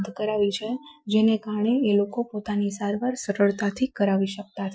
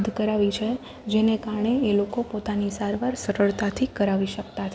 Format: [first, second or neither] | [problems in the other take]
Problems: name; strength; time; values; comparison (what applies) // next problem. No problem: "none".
second | noise reduction (classical method Wiener filter)